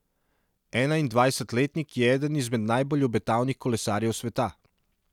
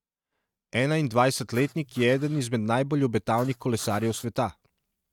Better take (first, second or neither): first